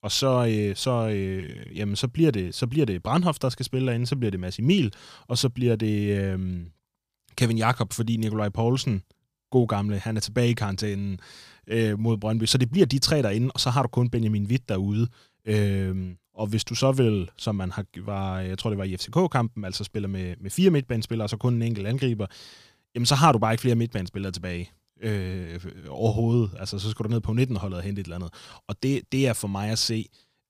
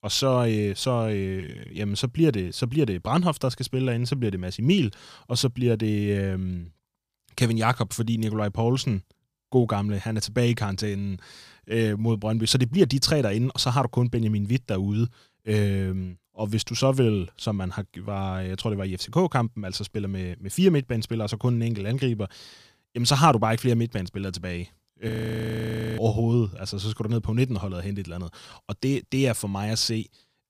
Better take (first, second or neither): first